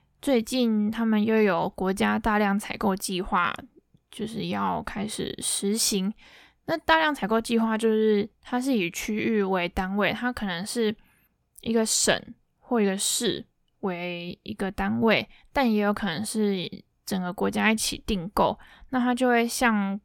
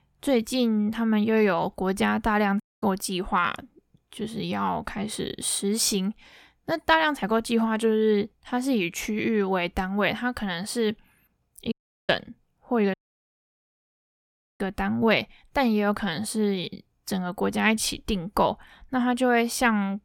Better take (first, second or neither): first